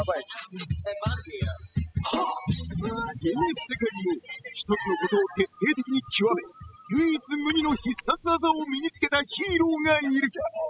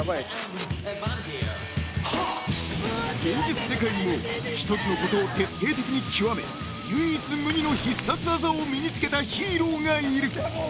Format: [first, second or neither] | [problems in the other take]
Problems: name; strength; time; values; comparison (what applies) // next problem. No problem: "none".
second | noise reduction (classical method spectral subtraction)